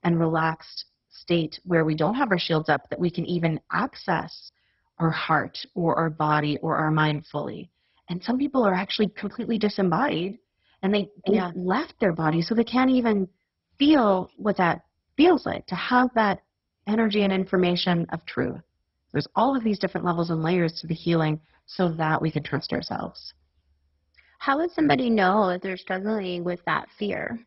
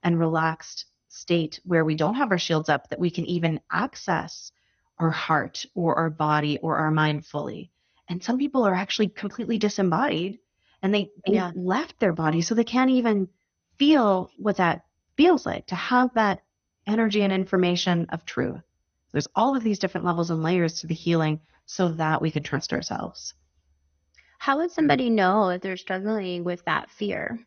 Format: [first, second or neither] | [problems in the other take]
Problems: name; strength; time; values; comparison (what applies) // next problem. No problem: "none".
second | garbled, watery; badly; nothing above 5.5 kHz; slightly in the second